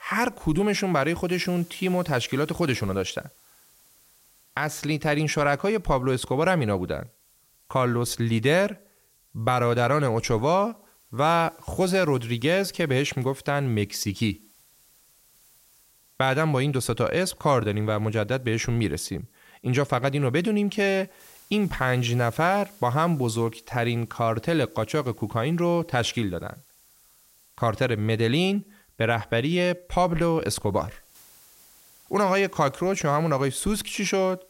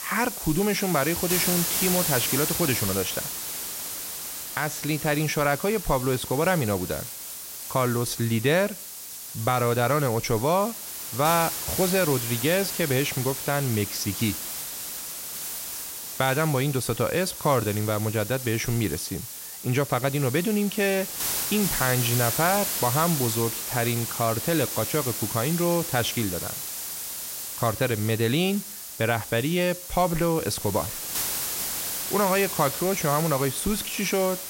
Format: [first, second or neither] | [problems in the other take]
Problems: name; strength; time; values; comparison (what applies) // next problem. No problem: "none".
first | hiss; loud; throughout; 4 dB below the speech; faint in the first